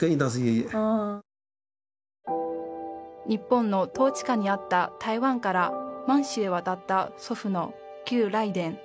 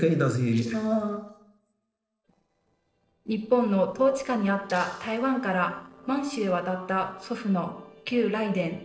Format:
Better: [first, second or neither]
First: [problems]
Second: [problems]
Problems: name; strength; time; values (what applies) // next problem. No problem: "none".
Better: first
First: none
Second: noise reduction (neural separator model SepFormer DNS4)